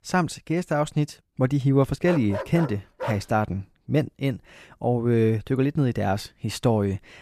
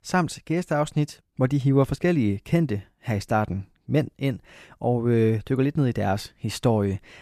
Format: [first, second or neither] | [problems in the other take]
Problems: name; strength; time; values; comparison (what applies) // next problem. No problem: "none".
second | dog barking; noticeable; from 2 to 3 s; peak 7 dB below the speech